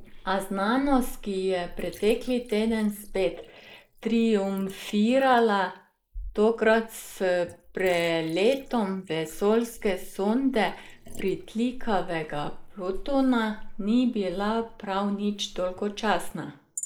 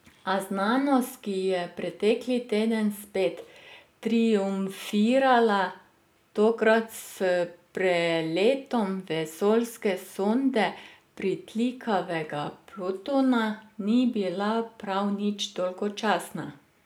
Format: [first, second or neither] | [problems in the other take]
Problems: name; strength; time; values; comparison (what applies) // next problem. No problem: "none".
second | noise reduction (neural mask model Resemble Enhance denoiser)